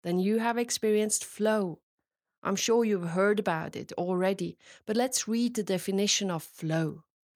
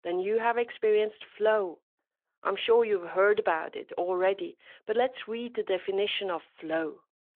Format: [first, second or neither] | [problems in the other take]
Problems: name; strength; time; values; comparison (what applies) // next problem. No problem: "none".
first | phone-call audio; nothing above 3.5 kHz